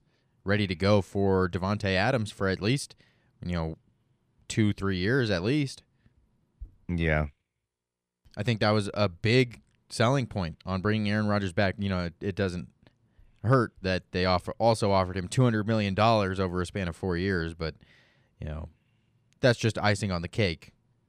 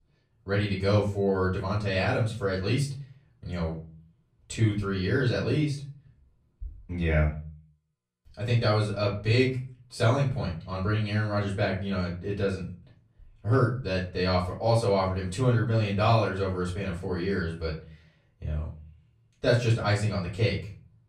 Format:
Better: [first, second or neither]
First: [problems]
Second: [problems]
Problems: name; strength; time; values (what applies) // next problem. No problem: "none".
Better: first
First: none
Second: off-mic speech; far // room echo; slight; dies away in 0.3 s